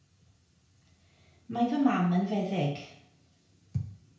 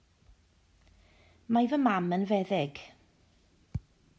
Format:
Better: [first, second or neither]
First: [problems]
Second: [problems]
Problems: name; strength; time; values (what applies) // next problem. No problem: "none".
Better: second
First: room echo; dies away in 0.5 s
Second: none